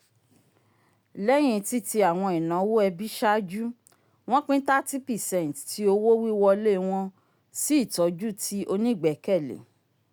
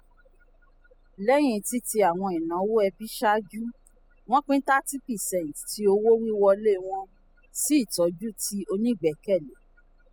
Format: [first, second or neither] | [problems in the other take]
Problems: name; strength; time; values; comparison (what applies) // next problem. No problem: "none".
first | noise reduction (classical method spectral subtraction)